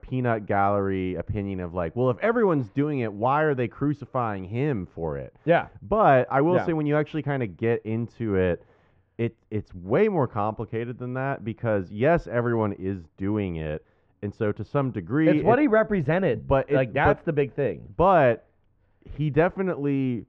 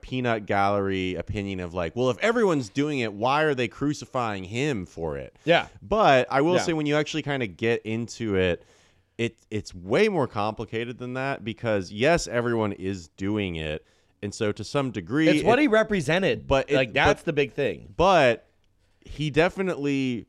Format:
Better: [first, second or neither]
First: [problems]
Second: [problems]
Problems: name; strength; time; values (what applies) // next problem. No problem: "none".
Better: second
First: muffled; very; fading above 1.5 kHz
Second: none